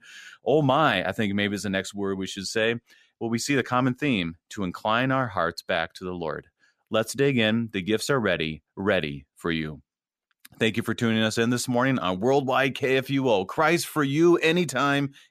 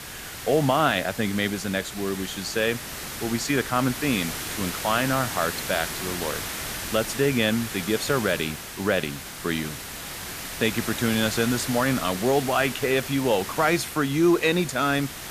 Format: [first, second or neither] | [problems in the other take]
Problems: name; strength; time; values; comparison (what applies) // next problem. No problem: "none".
first | hiss; loud; throughout; 7 dB below the speech